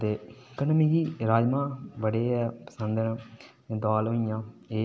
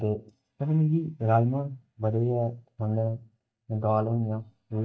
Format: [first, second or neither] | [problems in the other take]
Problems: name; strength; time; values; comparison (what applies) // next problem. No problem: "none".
first | noise reduction (neural mask model DeepFilterNet 3)